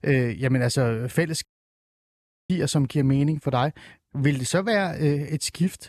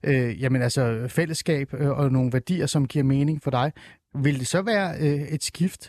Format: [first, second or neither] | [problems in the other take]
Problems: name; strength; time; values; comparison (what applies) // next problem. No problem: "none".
second | audio cutting out; at 1.5 s for 1 s